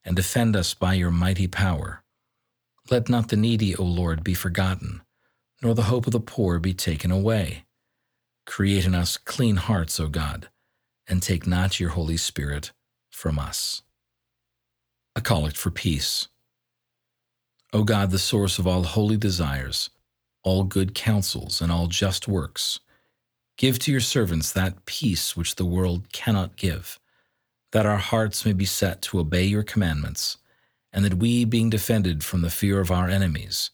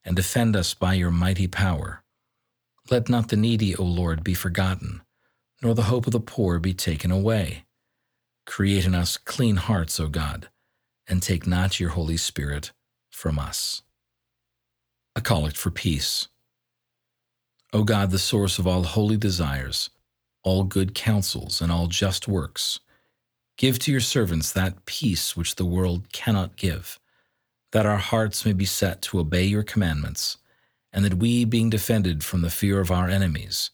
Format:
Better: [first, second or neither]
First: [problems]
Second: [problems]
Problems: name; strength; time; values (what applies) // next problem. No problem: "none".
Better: neither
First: none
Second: none